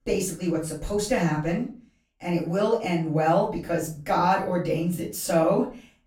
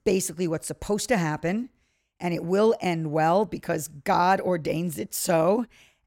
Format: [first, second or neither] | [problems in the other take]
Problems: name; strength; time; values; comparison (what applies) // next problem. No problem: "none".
second | room echo; slight; dies away in 0.3 s // off-mic speech; far